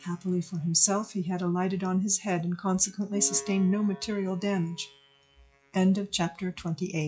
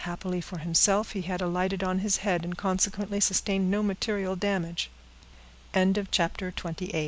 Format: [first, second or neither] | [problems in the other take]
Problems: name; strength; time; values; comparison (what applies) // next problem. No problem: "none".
second | noise reduction (classical method WPE with log-MMSE)